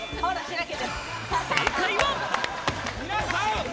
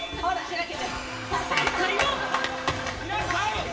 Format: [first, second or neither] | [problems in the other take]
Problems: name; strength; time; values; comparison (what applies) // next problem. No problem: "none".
first | background sound (Wind instrument, woodwind instrument); 14 dB below the speech // room echo; dies away in 0.6 s